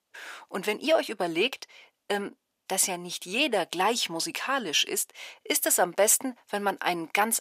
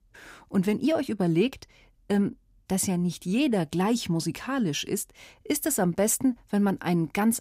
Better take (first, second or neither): second